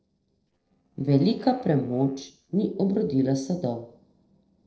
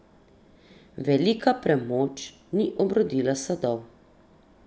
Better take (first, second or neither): second